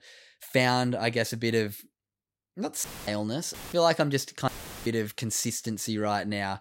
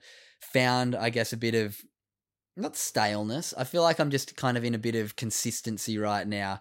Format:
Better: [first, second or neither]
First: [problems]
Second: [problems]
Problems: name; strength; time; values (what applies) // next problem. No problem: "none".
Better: second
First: audio cutting out; filled with static; at 3 s, at 3.5 s and at 4.5 s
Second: none